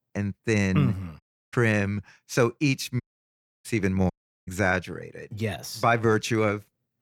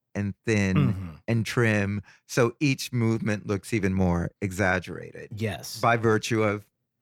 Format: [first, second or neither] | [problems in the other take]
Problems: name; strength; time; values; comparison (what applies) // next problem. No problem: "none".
second | audio cutting out; at 1 s, at 3 s for 0.5 s and at 4 s